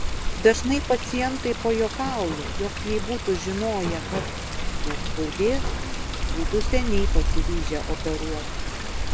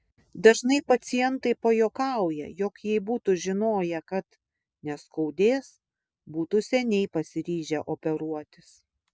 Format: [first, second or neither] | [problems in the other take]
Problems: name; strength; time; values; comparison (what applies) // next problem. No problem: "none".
second | background sound (Water); 2 dB above the speech